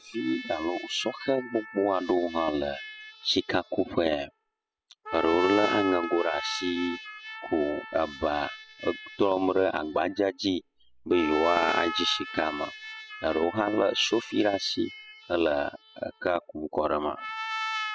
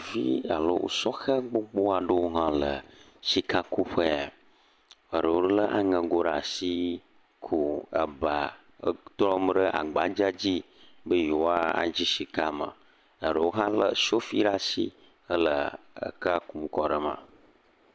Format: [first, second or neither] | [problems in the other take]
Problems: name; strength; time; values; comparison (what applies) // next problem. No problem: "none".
second | noise reduction (classical method spectral subtraction)